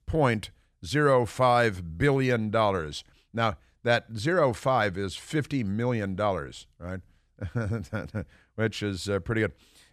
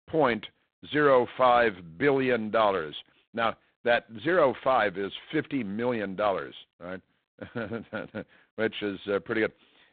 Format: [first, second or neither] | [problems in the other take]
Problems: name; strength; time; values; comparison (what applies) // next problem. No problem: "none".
first | phone-call audio; poor line; nothing above 4 kHz